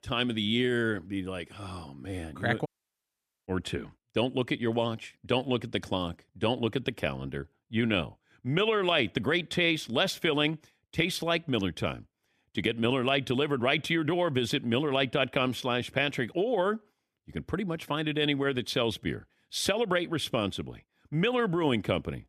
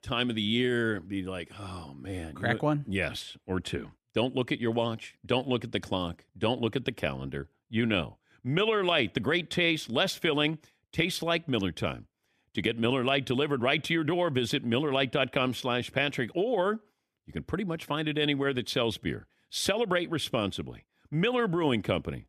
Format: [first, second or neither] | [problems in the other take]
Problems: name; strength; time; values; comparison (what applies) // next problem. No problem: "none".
second | audio cutting out; at 2.5 s for 1 s